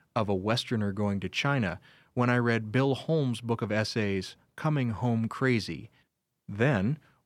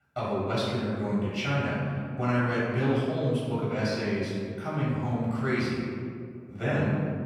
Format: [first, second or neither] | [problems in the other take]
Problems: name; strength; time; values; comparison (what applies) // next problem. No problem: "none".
first | room echo; strong; dies away in 2.1 s // off-mic speech; far